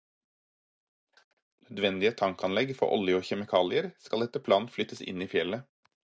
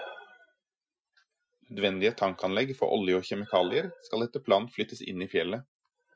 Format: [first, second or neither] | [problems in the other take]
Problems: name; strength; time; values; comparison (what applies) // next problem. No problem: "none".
first | noise reduction (classical method Wiener filter)